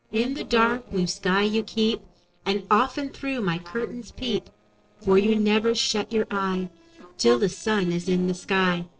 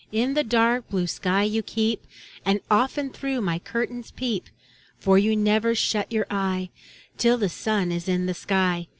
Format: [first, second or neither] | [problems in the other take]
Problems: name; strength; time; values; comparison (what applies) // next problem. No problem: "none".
second | noise reduction (neural separator model SepFormer DNS4)